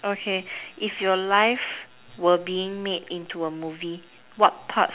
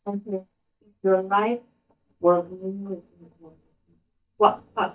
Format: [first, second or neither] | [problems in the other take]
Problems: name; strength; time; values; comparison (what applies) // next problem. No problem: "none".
first | noise reduction (neural mask model DeepFilterNet 3)